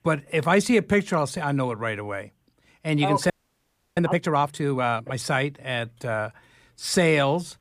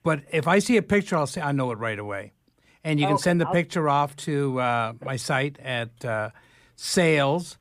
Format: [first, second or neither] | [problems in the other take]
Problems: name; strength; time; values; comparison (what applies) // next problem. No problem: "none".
second | audio freezing; at 3.5 s for 0.5 s